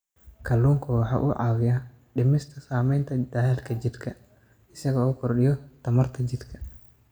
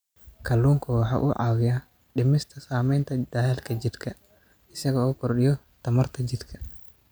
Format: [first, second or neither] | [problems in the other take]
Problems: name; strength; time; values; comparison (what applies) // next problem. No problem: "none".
second | room echo; dies away in 0.5 s